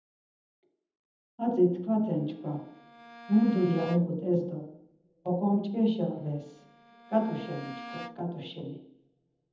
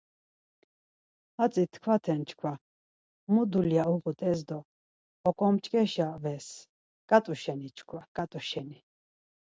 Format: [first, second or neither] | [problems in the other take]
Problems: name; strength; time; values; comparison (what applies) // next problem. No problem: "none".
second | background sound (Bowed string instrument); 18 dB below the speech // room echo; dies away in 0.8 s